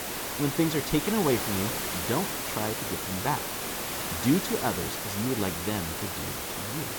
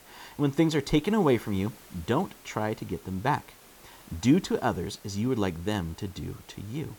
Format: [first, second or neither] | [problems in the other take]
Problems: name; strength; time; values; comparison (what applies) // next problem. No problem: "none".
second | hiss; loud; throughout; 1 dB below the speech; faint in the second